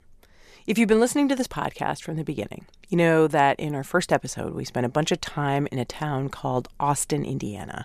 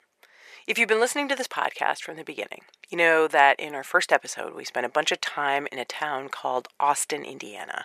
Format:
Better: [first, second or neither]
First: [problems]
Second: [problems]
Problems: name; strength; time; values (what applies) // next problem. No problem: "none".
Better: first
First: none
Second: thin; very; fading below 550 Hz